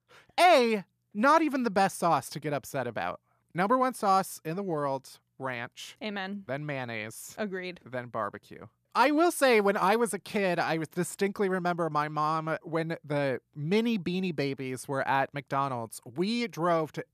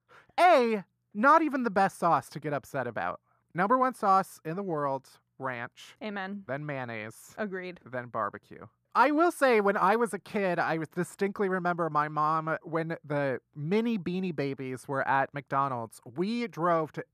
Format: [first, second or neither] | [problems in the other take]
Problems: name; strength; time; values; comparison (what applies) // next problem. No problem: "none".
first | muffled; slightly; fading above 2 kHz